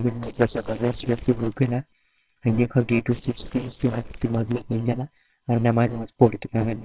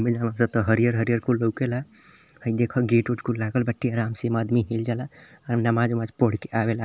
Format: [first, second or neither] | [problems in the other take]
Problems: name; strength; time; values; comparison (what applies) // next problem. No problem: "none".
second | noise reduction (neural separator model SepFormer WHAMR!)